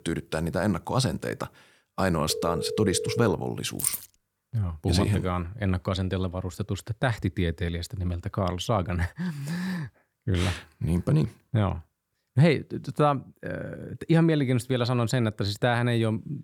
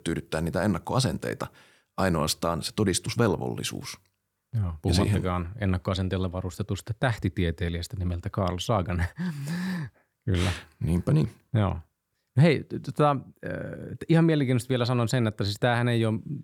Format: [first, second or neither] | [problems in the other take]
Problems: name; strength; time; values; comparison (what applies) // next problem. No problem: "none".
second | phone ringing; noticeable; from 2.5 to 3.5 s; peak 5 dB below the speech // jangling keys; noticeable; at 4 s; peak 1 dB below the speech